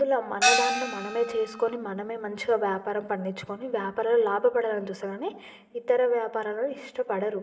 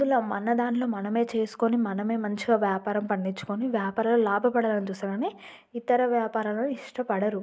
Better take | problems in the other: second | background sound (Gong); 1 dB above the speech // room echo; dies away in 1.7 s

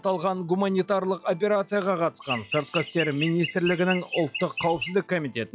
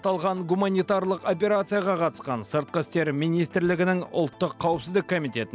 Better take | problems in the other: second | noise reduction (classical method log-MMSE)

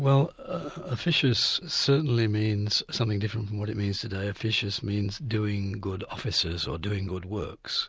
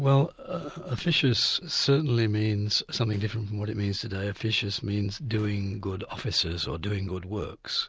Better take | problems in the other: first | noise reduction (neural separator model SepFormer DNS4)

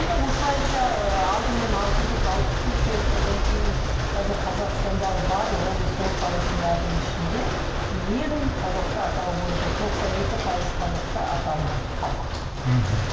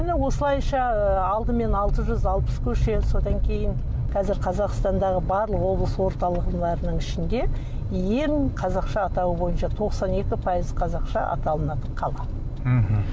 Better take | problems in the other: second | background sound (Rain); 6 dB below the speech // room echo; dies away in 1.4 s

